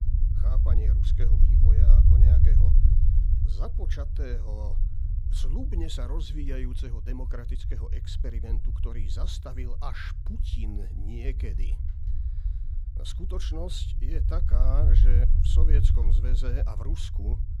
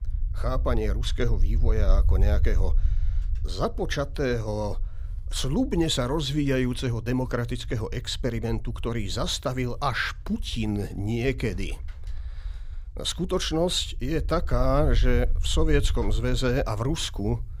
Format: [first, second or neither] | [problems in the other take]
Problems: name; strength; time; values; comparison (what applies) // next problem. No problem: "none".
second | low rumble; loud; throughout; 2 dB below the speech; faint in the second